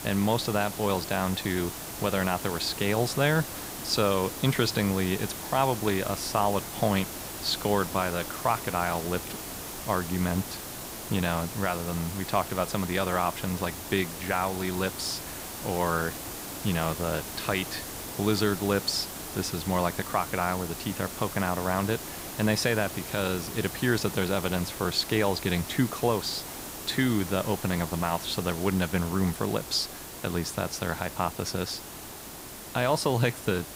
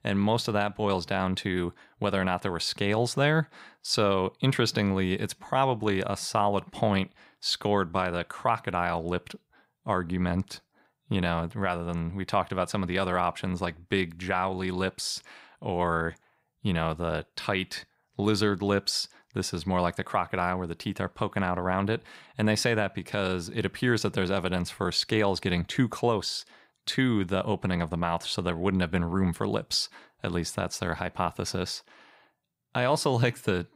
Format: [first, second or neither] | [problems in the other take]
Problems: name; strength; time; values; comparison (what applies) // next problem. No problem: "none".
second | hiss; loud; throughout; 8 dB below the speech